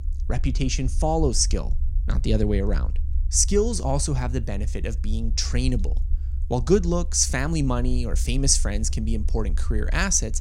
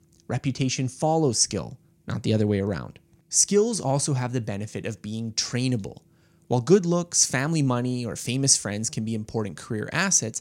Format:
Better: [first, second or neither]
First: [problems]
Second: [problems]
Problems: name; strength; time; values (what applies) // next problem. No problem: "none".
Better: second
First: low rumble; faint; throughout; 25 dB below the speech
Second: none